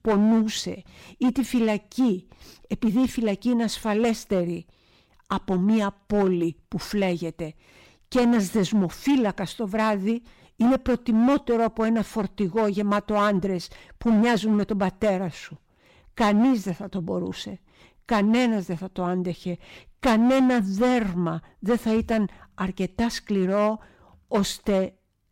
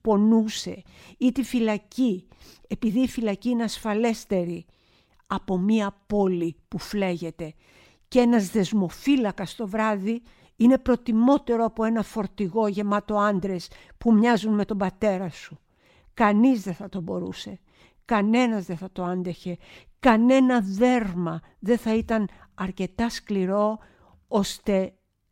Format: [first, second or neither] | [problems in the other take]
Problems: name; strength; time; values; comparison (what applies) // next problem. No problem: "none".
second | distortion; slight; 8% of the sound clipped